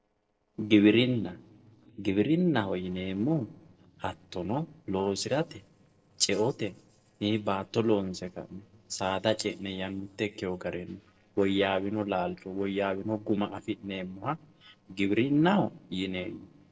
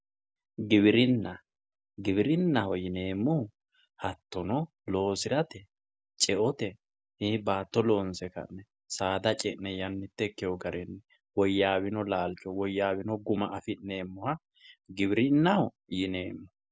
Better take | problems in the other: second | noise reduction (neural separator model SepFormer DNS4)

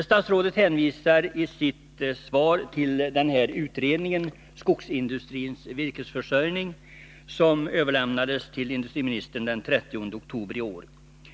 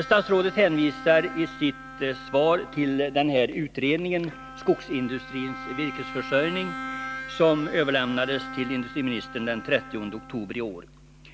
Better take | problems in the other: first | background sound (Bowed string instrument); 13 dB below the speech

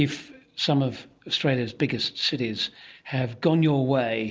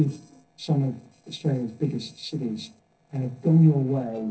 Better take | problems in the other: first | noise reduction (neural separator model SepFormer DNS4)

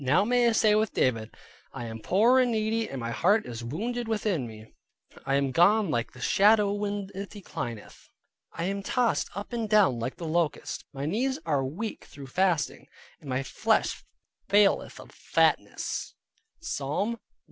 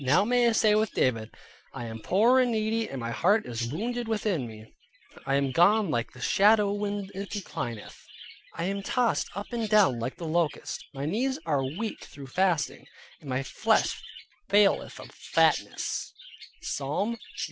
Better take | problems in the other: first | background sound (Chirp, tweet); 17 dB below the speech

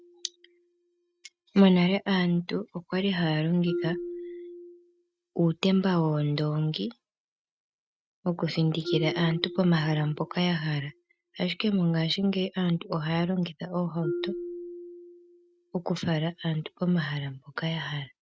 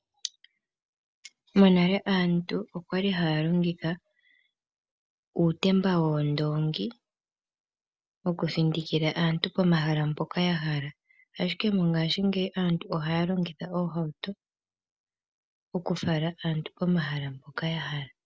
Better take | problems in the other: second | noise reduction (neural mask model RNNoise)

